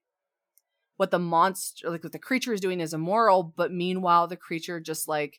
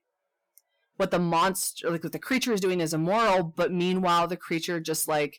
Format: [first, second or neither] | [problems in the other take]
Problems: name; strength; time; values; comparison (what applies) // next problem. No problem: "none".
first | distortion; heavy; 7 dB below the speech